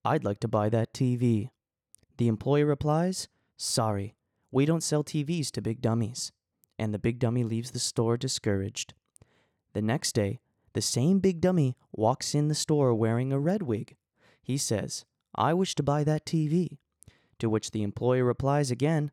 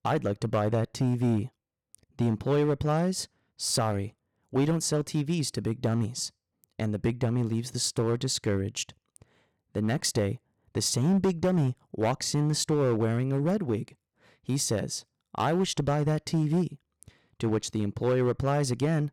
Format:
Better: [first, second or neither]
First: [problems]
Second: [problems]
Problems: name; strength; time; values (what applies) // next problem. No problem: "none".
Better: first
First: none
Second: distortion; slight; 5% of the sound clipped